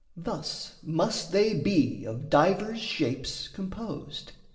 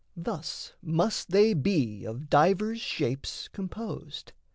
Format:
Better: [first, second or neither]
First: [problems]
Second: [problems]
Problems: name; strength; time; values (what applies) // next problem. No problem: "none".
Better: second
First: room echo; dies away in 0.6 s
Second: none